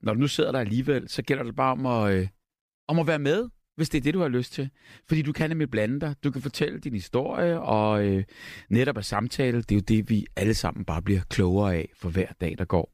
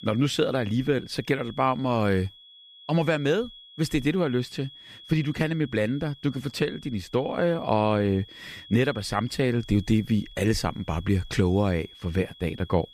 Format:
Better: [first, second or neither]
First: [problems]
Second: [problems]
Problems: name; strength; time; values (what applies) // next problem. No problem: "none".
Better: first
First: none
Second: high-pitched whine; noticeable; throughout; 3.5 kHz, 20 dB below the speech